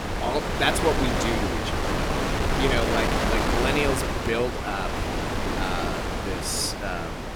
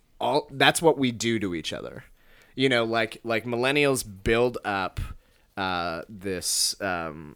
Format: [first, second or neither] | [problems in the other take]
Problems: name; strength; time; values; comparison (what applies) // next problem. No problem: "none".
second | wind noise on the microphone; heavy; 1 dB above the speech